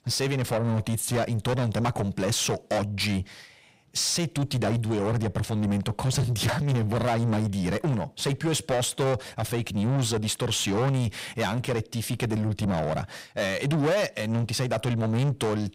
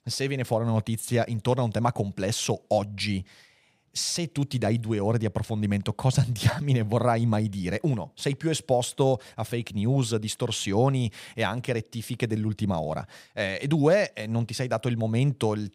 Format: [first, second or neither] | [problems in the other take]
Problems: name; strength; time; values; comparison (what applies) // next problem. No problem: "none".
second | distortion; heavy; 7 dB below the speech